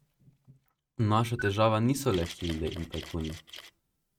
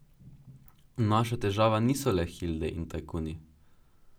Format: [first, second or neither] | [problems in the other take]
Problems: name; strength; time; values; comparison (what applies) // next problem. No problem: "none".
second | noise reduction (neural mask model RNNoise)